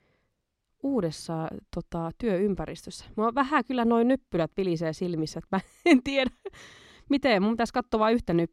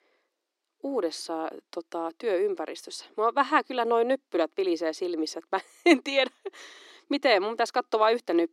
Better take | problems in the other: first | thin; somewhat; fading below 300 Hz

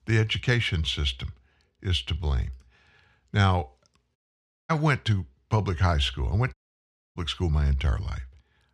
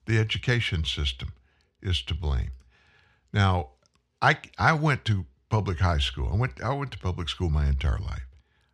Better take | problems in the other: second | audio cutting out; at 4 s for 0.5 s and at 6.5 s for 0.5 s

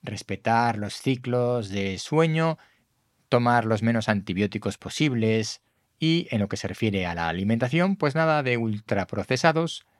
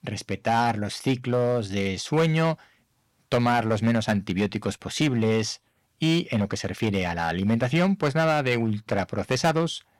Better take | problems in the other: first | distortion; slight; 6% of the sound clipped

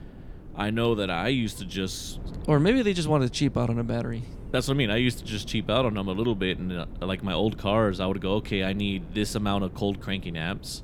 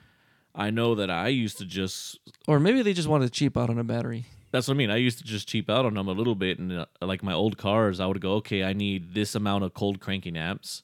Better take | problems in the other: second | wind noise on the microphone; occasional gusts; 20 dB below the speech

